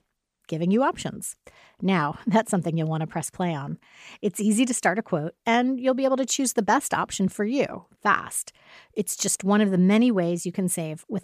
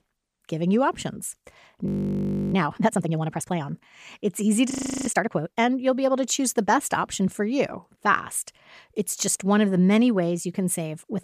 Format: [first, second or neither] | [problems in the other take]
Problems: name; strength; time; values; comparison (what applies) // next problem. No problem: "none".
first | audio freezing; at 2 s for 0.5 s and at 4.5 s